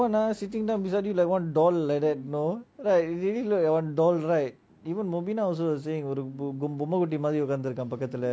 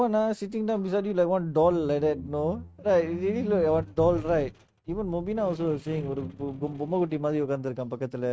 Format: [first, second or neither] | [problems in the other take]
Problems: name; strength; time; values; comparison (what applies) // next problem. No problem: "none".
first | noise reduction (neural mask model RNNoise)